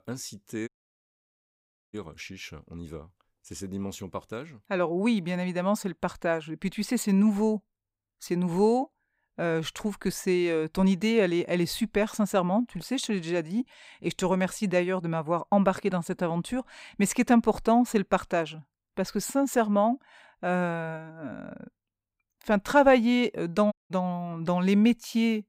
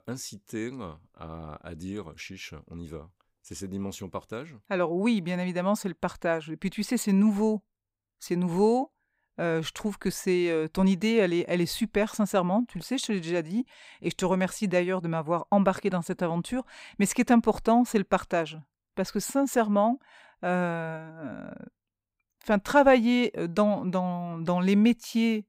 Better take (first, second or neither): second